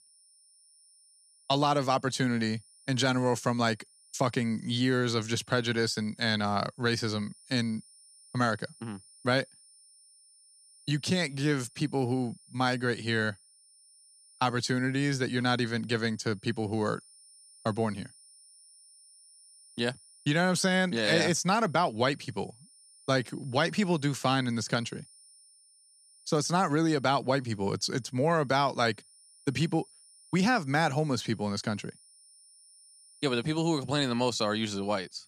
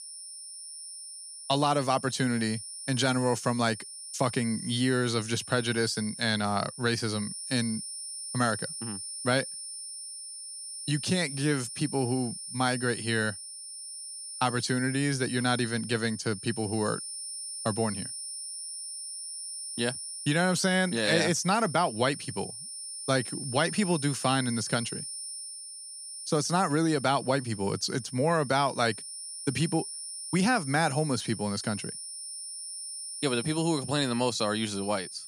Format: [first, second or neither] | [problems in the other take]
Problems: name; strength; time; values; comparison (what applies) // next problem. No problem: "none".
first | high-pitched whine; loud; throughout; 9.5 kHz, 9 dB below the speech; faint in the first